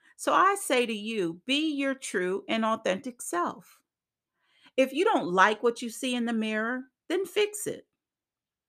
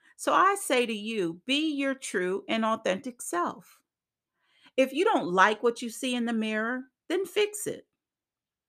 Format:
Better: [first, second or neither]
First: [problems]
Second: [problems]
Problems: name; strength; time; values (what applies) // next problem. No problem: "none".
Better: neither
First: none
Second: none